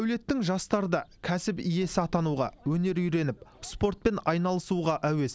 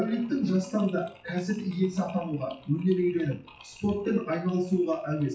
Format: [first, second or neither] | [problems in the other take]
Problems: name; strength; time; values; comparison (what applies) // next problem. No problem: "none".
first | noise reduction (classical method WPE with log-MMSE)